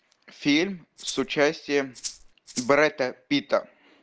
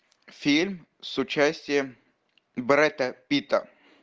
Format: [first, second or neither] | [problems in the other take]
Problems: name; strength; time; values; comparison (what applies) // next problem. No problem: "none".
second | background sound (Rattle (instrument)); 12 dB below the speech